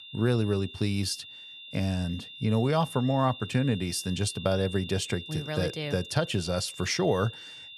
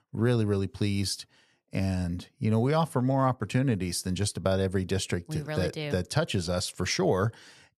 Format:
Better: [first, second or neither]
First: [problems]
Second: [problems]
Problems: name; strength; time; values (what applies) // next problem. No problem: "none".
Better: second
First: high-pitched whine; noticeable; throughout; 3.5 kHz, 15 dB below the speech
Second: none